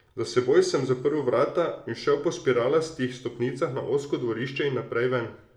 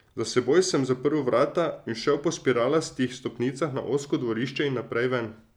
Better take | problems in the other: second | room echo; dies away in 0.5 s

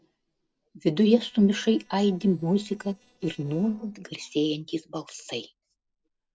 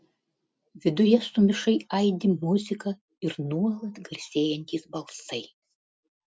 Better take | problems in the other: second | noise reduction (neural separator model SepFormer DNS4)

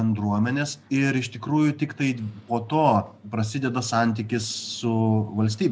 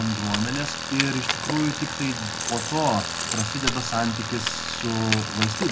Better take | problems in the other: first | background sound (Keys jangling + Tools); 2 dB below the speech

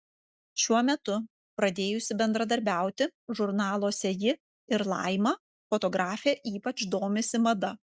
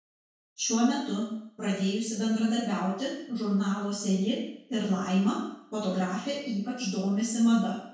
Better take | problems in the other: first | room echo; dies away in 0.6 s

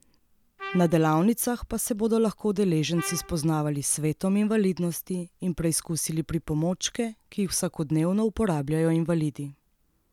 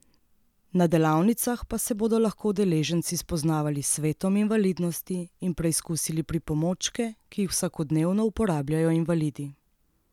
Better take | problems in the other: second | background sound (Trumpet); 16 dB below the speech

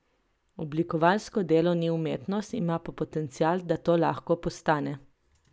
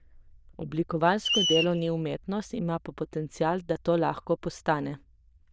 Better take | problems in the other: first | noise reduction (neural diffusion model UNIVERSE++)

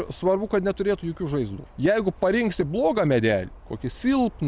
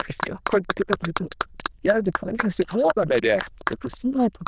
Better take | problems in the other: first | noise reduction (neural diffusion model UNIVERSE++)

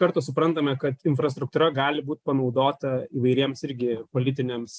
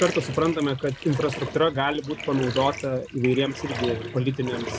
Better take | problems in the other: first | background sound (Bathtub (filling or washing)); 10 dB below the speech

